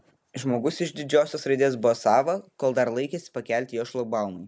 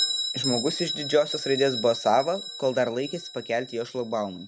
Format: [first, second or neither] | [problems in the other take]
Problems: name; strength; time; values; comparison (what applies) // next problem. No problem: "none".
first | background sound (Bell); 7 dB below the speech